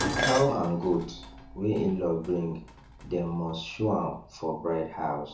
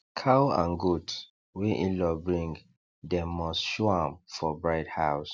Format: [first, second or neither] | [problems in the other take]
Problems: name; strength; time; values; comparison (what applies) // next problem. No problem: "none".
second | background sound (Dishes, pots, and pans); 8 dB below the speech // room echo; dies away in 0.6 s